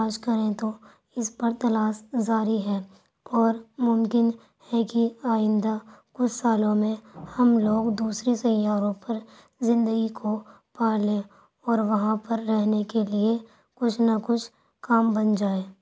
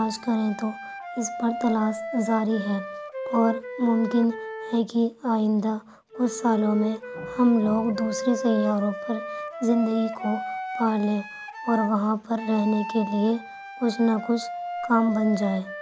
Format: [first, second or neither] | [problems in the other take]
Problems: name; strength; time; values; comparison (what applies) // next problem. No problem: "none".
first | background sound (Wind instrument, woodwind instrument); 10 dB below the speech